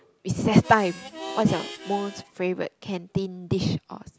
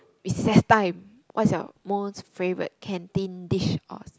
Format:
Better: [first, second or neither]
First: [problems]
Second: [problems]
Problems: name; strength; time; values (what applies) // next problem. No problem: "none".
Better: second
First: background sound (Harmonica); 13 dB below the speech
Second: none